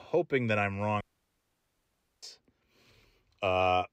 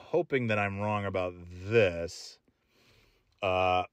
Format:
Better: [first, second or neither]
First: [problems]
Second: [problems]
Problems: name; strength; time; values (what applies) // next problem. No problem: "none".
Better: second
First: audio cutting out; at 1 s for 1 s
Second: none